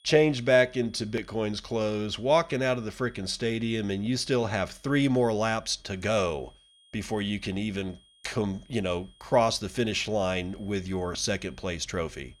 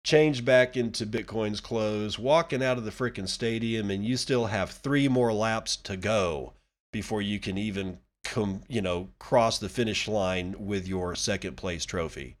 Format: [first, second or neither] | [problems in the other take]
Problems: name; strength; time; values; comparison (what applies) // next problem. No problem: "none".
second | high-pitched whine; faint; throughout; 3.5 kHz, 30 dB below the speech